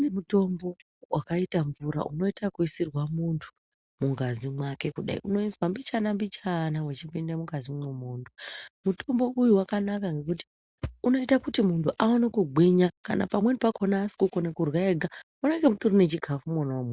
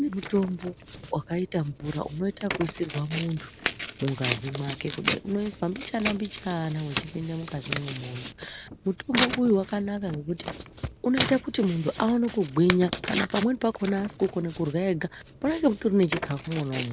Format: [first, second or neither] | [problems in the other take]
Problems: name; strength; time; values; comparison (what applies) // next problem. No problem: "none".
first | background sound (Tearing); 8 dB below the speech